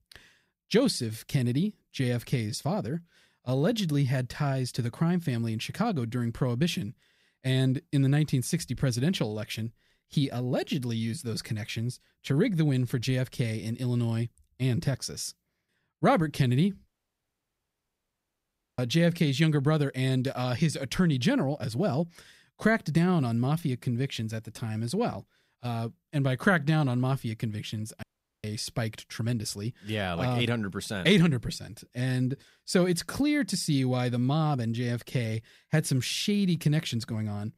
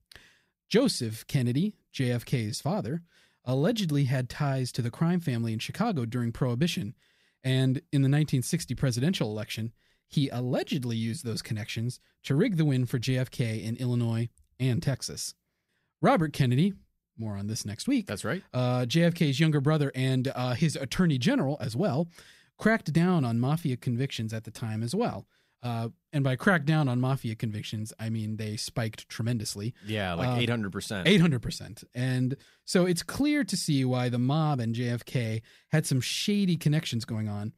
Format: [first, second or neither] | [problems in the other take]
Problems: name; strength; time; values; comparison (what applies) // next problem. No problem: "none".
second | audio cutting out; at 17 s for 2 s and at 28 s